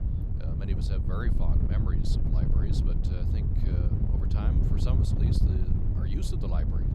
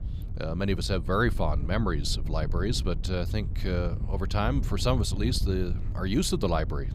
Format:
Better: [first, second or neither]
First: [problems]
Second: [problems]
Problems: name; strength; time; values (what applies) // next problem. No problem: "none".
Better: second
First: wind noise on the microphone; heavy; 3 dB above the speech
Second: wind noise on the microphone; occasional gusts; 15 dB below the speech